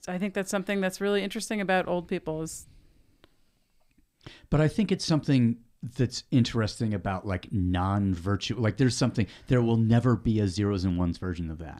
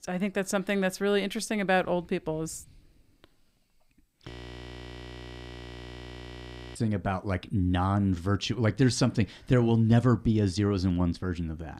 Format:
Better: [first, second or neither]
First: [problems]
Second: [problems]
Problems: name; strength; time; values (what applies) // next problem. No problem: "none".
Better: first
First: none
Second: audio freezing; at 4.5 s for 2.5 s